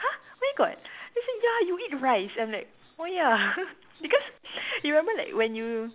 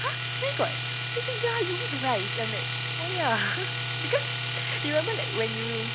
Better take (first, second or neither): first